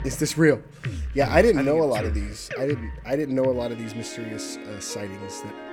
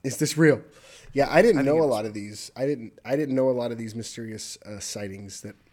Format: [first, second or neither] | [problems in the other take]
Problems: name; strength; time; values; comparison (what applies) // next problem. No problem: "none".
second | background music; noticeable; throughout; 10 dB below the speech